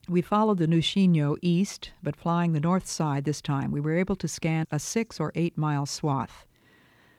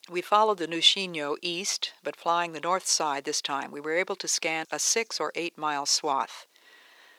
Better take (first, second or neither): first